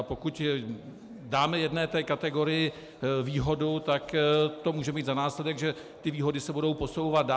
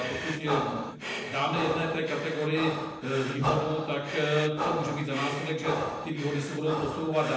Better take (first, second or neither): first